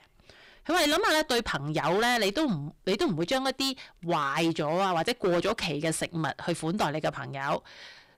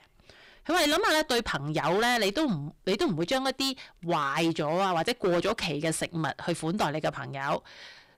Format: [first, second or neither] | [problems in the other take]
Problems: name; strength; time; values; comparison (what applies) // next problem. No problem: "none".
neither | distortion; heavy; 14% of the sound clipped; the same in both